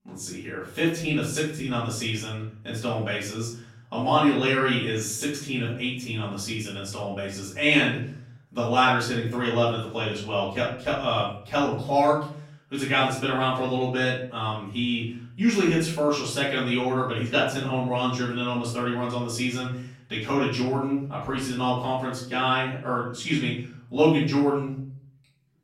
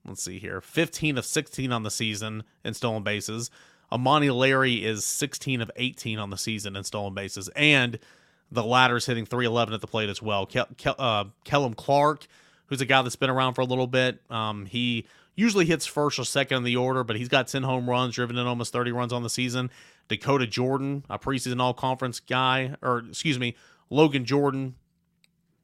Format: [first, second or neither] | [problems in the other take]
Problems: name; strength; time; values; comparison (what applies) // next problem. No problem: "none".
second | off-mic speech; far // room echo; noticeable; dies away in 0.5 s